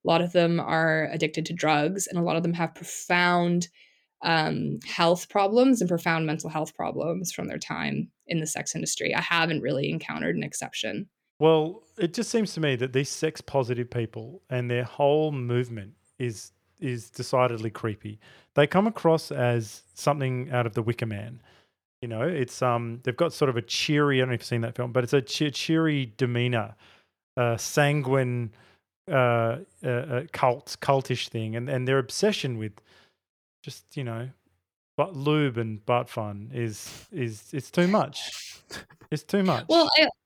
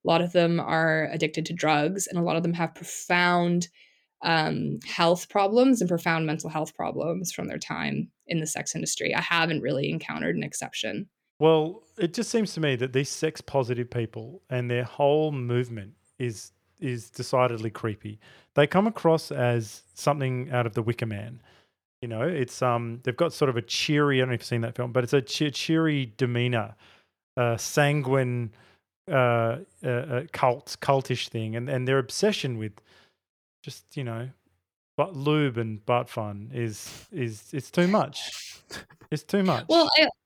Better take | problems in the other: neither | none

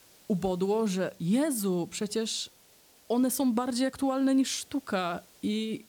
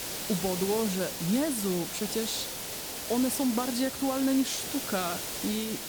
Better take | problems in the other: first | hiss; loud; throughout; 4 dB below the speech; faint in the first

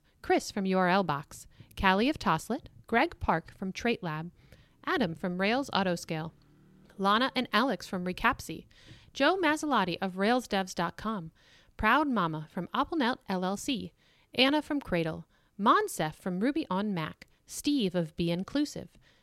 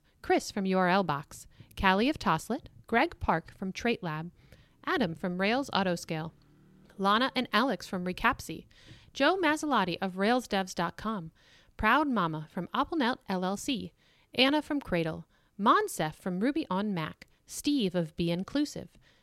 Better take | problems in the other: neither | none

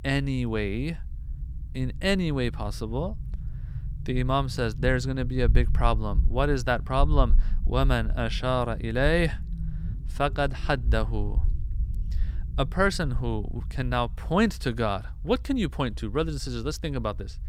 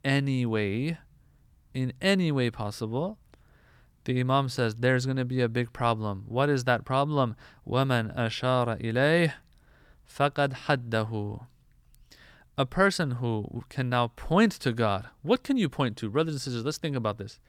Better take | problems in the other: second | low rumble; faint; throughout; 20 dB below the speech

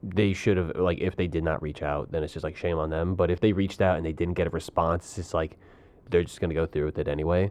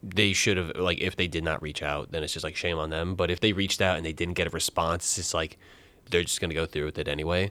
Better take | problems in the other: second | muffled; very; fading above 2 kHz

